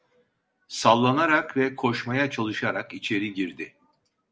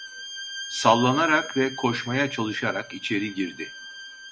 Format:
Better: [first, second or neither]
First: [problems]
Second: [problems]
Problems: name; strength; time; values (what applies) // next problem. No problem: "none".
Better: first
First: none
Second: background sound (Bowed string instrument); 12 dB below the speech